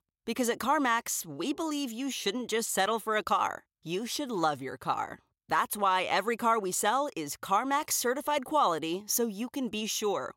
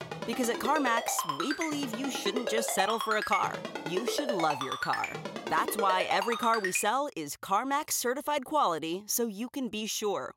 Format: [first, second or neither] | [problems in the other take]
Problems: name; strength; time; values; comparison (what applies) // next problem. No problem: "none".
first | phone ringing; noticeable; until 7 s; peak 2 dB below the speech